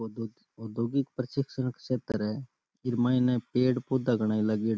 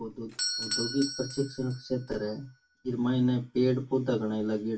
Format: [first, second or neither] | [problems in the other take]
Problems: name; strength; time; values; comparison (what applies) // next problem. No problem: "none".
first | background sound (Doorbell); 10 dB below the speech // room echo; dies away in 0.2 s